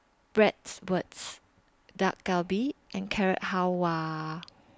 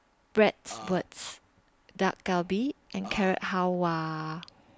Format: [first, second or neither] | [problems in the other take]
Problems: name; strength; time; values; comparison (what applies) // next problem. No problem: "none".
first | background sound (Burping, eructation); 12 dB below the speech